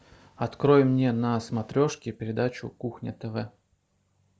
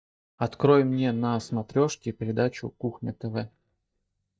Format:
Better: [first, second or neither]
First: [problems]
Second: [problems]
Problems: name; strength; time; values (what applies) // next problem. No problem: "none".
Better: first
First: none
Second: noise reduction (neural mask model DeepFilterNet 3)